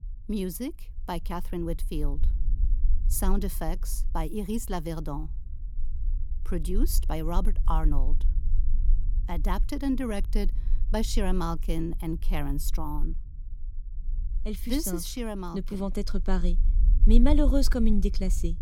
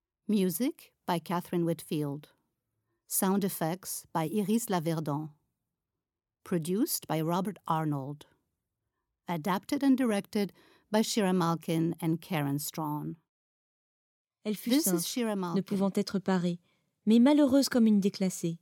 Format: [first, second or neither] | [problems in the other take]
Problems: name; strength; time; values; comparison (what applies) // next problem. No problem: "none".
second | low rumble; faint; throughout; 20 dB below the speech